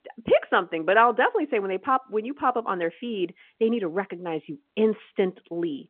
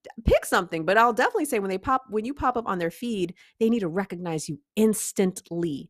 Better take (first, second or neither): second